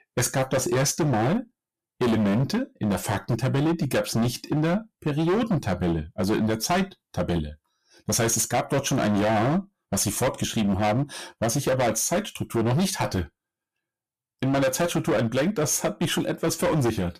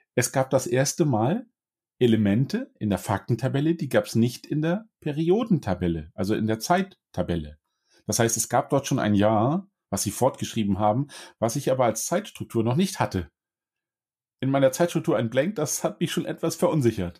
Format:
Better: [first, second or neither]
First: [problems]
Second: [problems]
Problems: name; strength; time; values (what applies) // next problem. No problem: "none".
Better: second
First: distortion; heavy; 19% of the sound clipped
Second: none